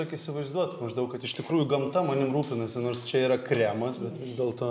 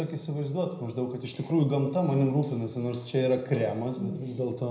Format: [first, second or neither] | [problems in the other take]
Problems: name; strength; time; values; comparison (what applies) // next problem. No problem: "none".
first | room echo; dies away in 0.5 s